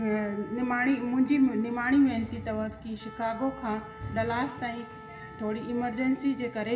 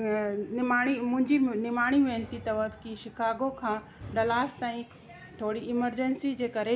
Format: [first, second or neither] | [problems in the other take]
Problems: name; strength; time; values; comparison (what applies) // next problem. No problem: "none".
second | background sound (Wind instrument, woodwind instrument); 19 dB below the speech // room echo; dies away in 1.7 s